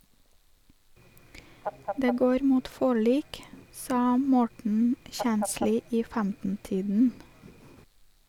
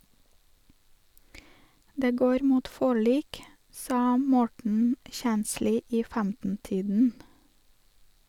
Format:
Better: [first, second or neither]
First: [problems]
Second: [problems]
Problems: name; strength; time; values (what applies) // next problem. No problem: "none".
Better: second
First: background sound (Fowl); 14 dB below the speech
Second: none